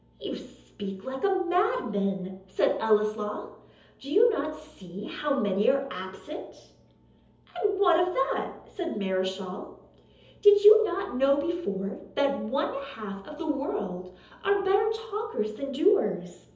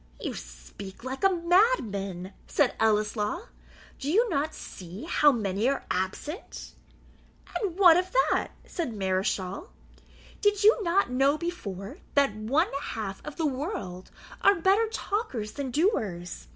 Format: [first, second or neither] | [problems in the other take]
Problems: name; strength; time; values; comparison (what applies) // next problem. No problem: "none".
second | room echo; dies away in 0.7 s